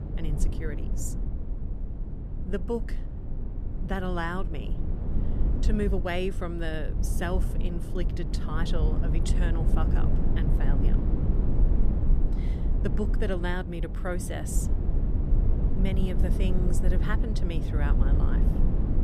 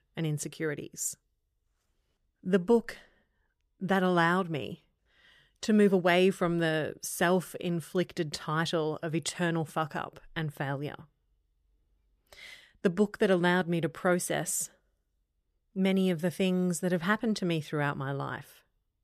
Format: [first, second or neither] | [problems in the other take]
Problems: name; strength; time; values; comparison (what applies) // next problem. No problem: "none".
second | low rumble; loud; throughout; 5 dB below the speech